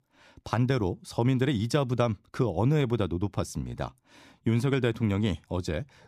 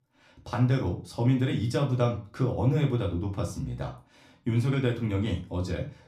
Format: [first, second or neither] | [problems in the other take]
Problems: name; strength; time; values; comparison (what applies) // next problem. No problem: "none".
first | off-mic speech; far // room echo; very slight; dies away in 0.3 s